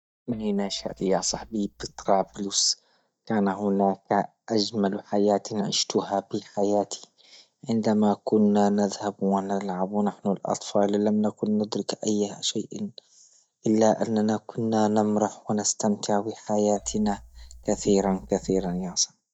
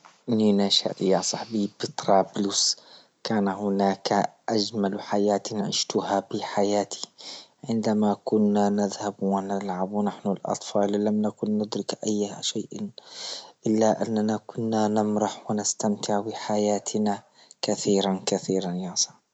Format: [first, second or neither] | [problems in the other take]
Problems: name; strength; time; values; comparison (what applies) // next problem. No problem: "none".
second | noise reduction (neural mask model DeepFilterNet 3)